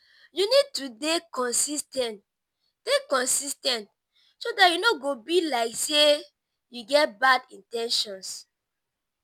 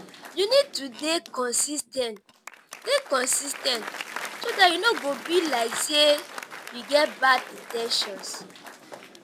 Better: first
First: none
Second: background sound (Applause); 13 dB below the speech

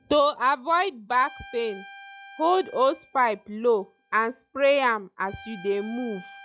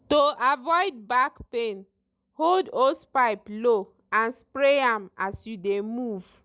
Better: second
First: noise reduction (classical method log-MMSE)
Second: none

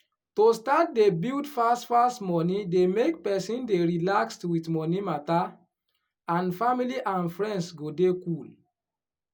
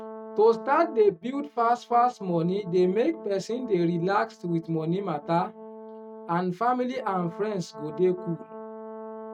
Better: first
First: none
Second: noise reduction (neural mask model RNNoise)

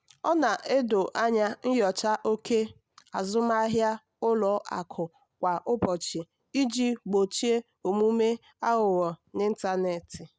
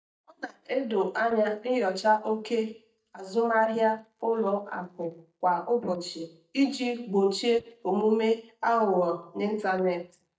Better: first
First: none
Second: noise reduction (neural mask model DeepFilterNet 3)

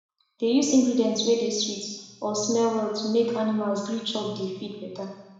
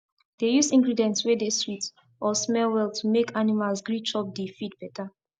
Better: second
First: room echo; dies away in 1 s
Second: none

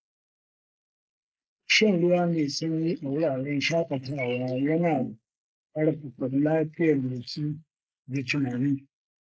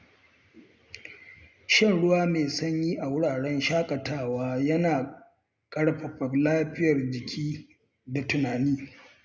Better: second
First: noise reduction (neural mask model Resemble Enhance denoiser)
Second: none

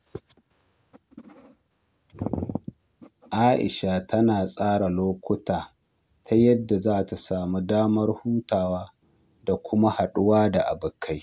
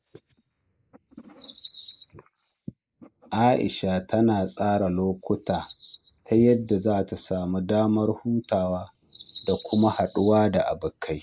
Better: first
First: none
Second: noise reduction (neural mask model Resemble Enhance denoiser)

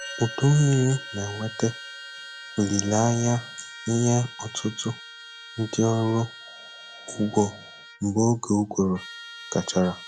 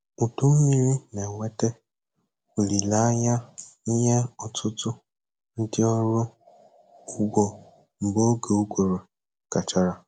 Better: second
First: background sound (Trumpet + Musical instrument); 15 dB below the speech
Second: none

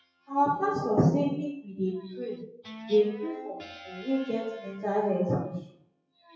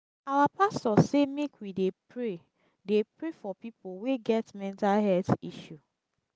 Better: second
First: noise reduction (classical method WPE with log-MMSE)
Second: none

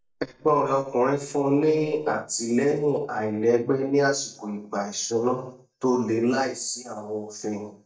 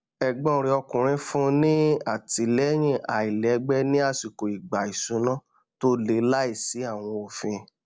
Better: second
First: noise reduction (neural mask model DeepFilterNet 3)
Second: none

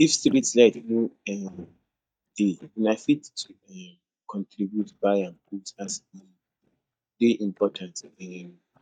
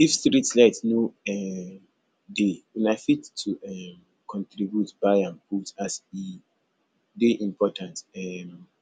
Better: second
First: noise reduction (neural mask model DeepFilterNet 3)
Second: none

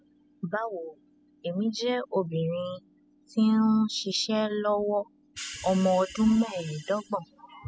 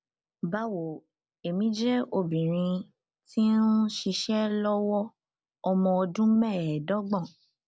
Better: second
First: noise reduction (classical method spectral subtraction)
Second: none

